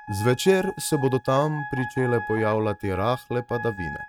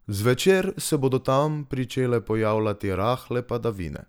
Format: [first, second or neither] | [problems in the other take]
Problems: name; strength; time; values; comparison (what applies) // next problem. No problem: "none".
second | noise reduction (neural mask model RNNoise)